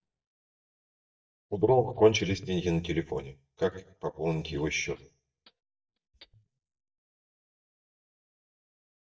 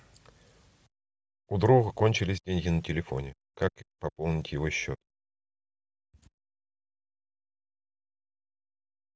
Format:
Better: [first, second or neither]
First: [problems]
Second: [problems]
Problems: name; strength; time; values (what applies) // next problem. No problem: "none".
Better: second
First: noise reduction (neural mask model DeepFilterNet 3)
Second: none